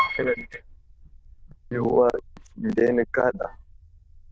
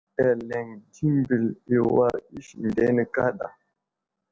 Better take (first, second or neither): second